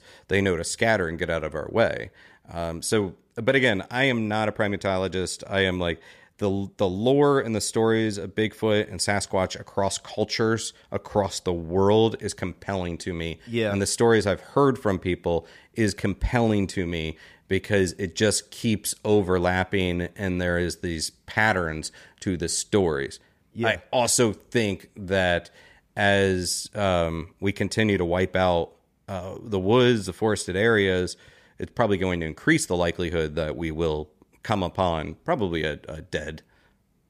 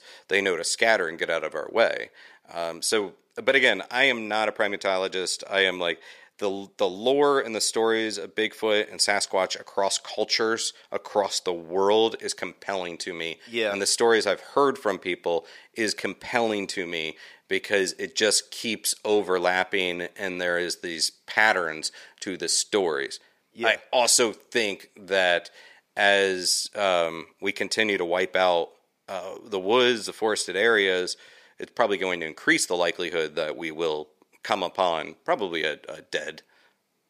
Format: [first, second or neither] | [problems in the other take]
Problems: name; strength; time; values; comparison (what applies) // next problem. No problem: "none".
first | thin; somewhat; fading below 400 Hz